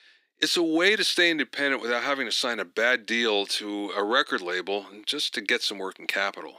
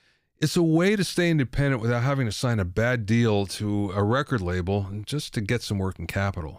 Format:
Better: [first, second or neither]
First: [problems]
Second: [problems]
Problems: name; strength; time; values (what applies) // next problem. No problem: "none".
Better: second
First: thin; very; fading below 300 Hz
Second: none